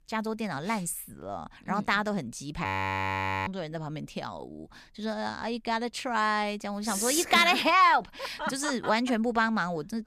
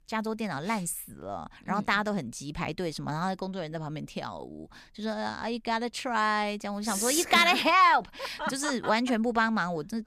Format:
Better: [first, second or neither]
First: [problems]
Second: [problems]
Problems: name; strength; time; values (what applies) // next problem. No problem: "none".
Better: second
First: audio freezing; at 2.5 s for 1 s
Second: none